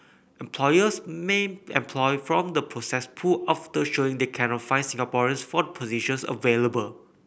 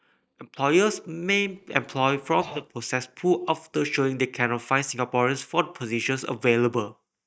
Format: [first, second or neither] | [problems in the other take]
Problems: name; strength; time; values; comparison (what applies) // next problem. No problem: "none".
first | noise reduction (neural mask model DeepFilterNet 3)